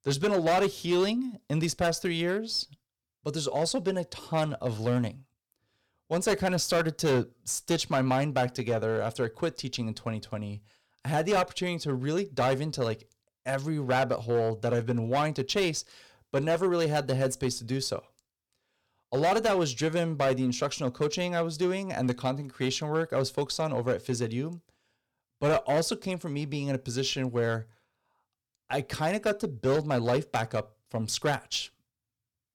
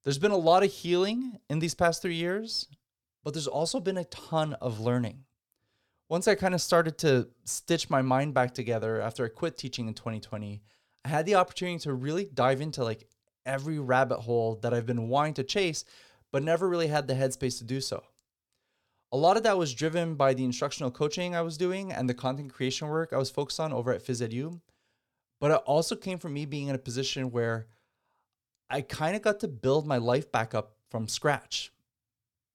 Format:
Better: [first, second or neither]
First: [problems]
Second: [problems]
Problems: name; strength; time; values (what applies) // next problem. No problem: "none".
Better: second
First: distortion; slight; 5% of the sound clipped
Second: none